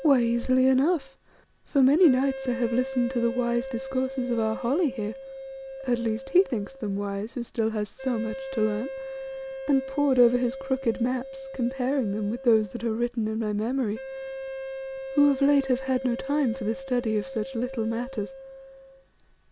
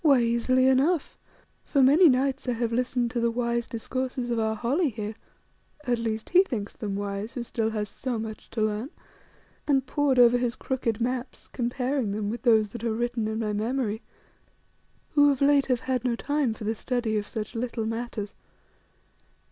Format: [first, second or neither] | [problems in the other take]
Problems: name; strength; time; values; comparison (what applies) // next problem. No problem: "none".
second | background sound (Wind instrument, woodwind instrument); 12 dB below the speech